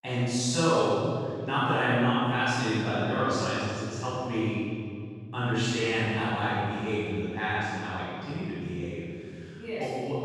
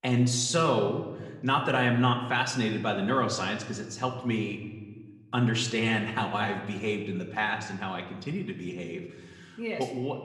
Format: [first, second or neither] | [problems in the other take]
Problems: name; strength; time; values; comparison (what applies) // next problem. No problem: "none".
second | room echo; strong; dies away in 2.1 s; slight in the second // off-mic speech; far; somewhat distant in the second